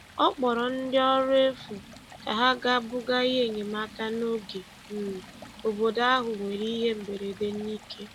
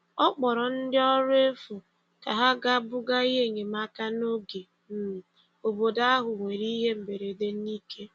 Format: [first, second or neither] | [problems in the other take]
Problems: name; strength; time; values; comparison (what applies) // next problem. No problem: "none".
second | background sound (Stream); 20 dB below the speech